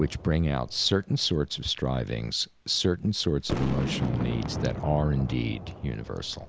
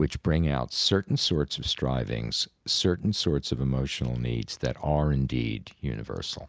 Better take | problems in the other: second | background sound (Boom); 9 dB below the speech

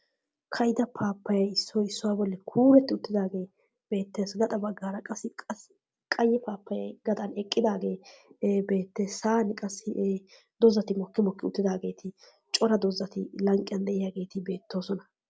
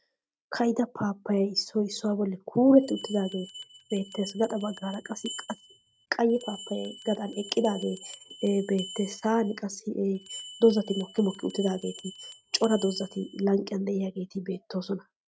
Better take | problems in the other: first | noise reduction (neural mask model RNNoise)

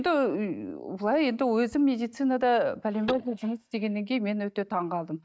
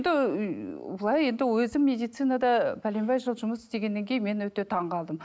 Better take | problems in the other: second | noise reduction (neural mask model DeepFilterNet 3)

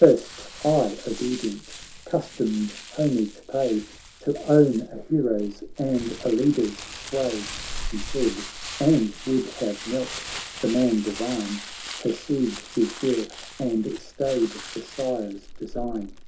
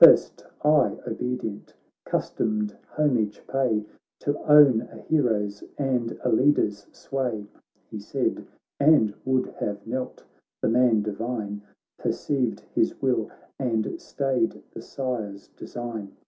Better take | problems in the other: second | background sound (Crumpling, crinkling); 12 dB below the speech

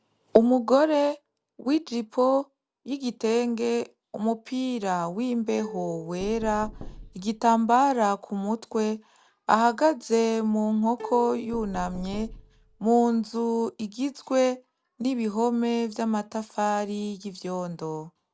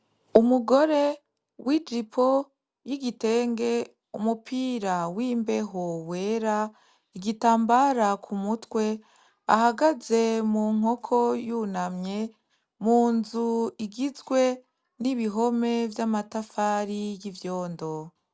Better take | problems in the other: second | background sound (Knock + Plucked string instrument); 15 dB below the speech

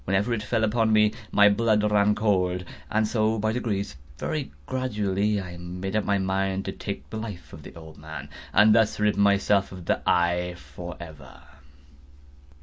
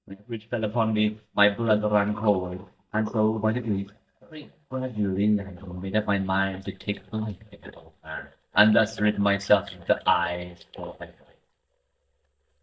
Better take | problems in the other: first | noise reduction (neural mask model DeepFilterNet 3)

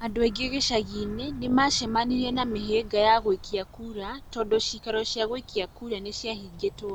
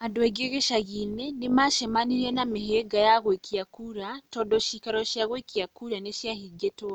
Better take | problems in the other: second | background sound (Bird vocalization, bird call, bird song); 16 dB below the speech

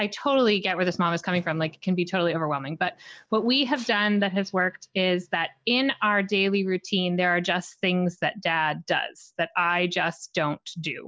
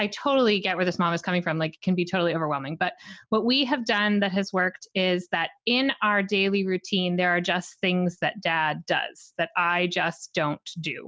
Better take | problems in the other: second | noise reduction (neural mask model DeepFilterNet 3)

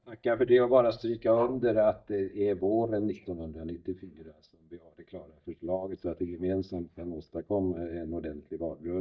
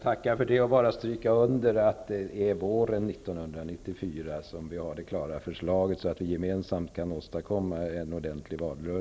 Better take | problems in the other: second | noise reduction (neural mask model DeepFilterNet 3)

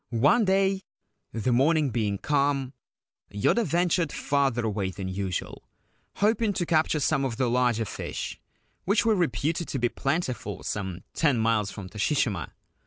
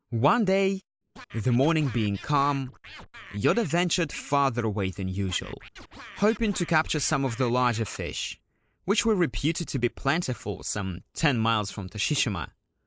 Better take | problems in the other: first | noise reduction (neural mask model Resemble Enhance denoiser)

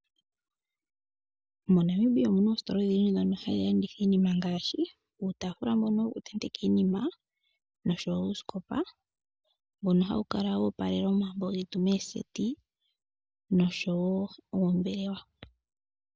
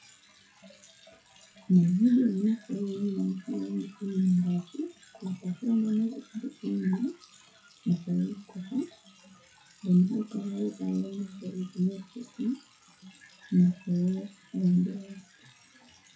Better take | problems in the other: first | noise reduction (classical method WPE with log-MMSE)

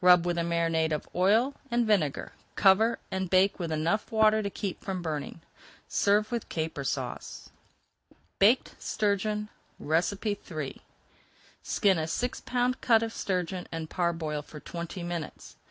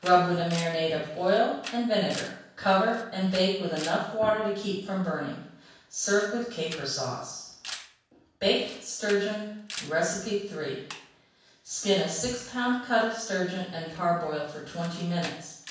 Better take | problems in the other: first | background sound (Camera); 18 dB below the speech // room echo; dies away in 0.7 s

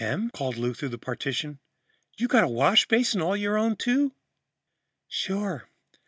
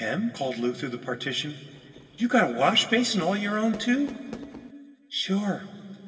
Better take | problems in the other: first | background sound (Fireworks); 19 dB below the speech // room echo; dies away in 2.4 s

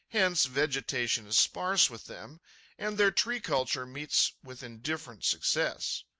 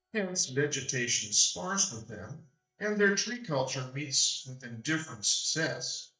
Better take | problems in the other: first | noise reduction (neural mask model DeepFilterNet 3)

